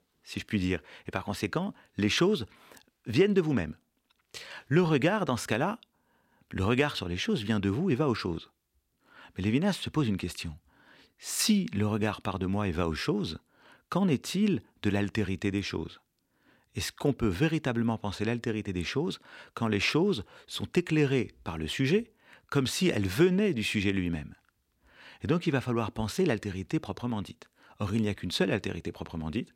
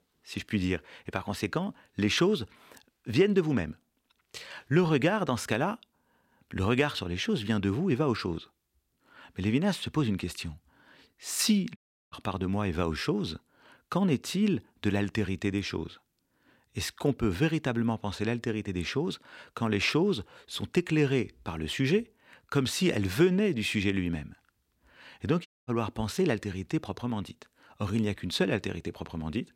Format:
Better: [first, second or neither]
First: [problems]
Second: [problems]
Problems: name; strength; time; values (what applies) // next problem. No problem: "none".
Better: first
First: none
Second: audio cutting out; at 12 s and at 25 s